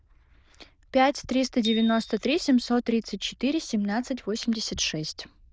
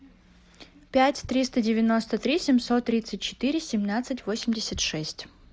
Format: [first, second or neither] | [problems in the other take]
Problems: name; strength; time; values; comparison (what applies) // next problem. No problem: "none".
second | noise reduction (neural diffusion model UNIVERSE++)